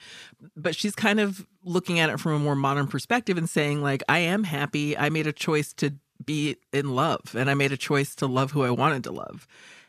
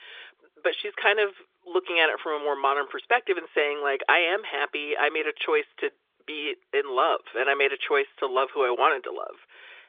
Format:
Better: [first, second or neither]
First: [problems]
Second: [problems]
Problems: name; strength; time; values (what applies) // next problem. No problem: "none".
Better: first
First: none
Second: phone-call audio; nothing above 3 kHz